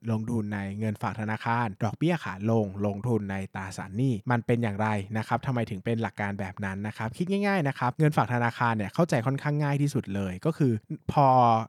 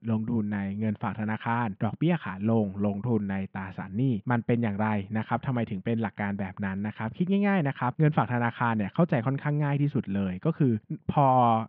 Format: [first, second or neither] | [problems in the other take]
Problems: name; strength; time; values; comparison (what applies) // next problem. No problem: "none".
first | muffled; very; fading above 3 kHz